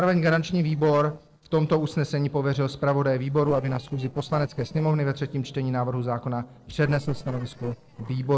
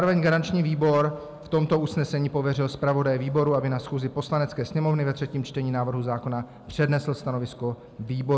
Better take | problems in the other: second | noise reduction (neural separator model SepFormer DNS4)

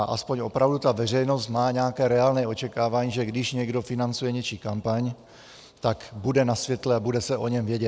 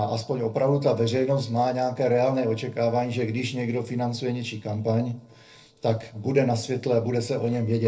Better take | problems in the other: first | noise reduction (neural separator model SepFormer DNS4)

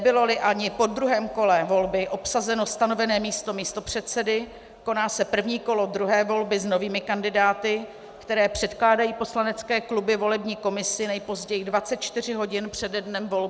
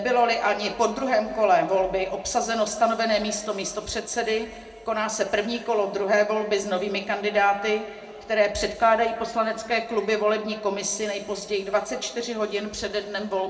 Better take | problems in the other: first | room echo; dies away in 1.6 s

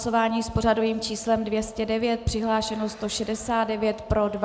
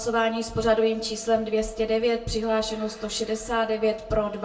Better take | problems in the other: first | room echo; dies away in 0.2 s

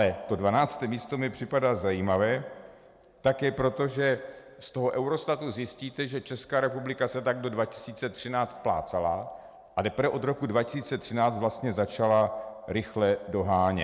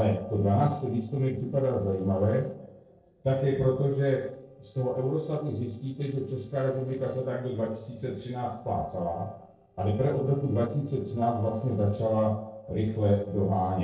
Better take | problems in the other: first | noise reduction (neural separator model SepFormer DNS4)

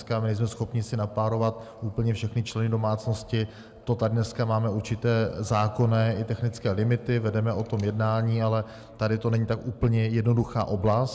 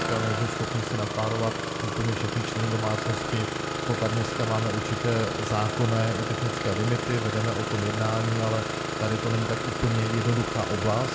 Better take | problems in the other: first | background sound (Engine starting); 2 dB below the speech

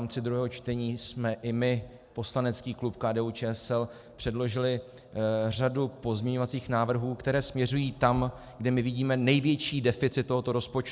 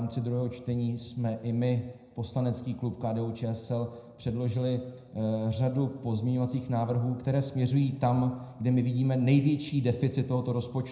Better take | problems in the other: first | room echo; dies away in 0.8 s

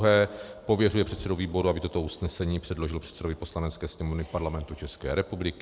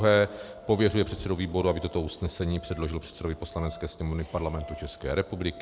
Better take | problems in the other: first | background sound (Wind instrument, woodwind instrument); 20 dB below the speech

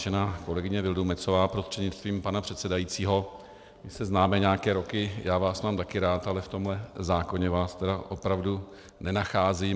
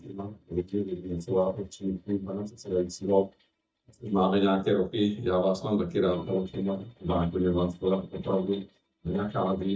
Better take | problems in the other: first | noise reduction (neural mask model DeepFilterNet 3)

